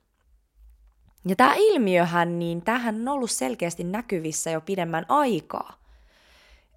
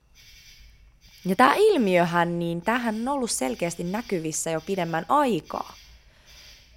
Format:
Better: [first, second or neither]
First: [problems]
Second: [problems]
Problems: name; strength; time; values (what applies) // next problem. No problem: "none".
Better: first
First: none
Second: animal sounds; faint; throughout; 25 dB below the speech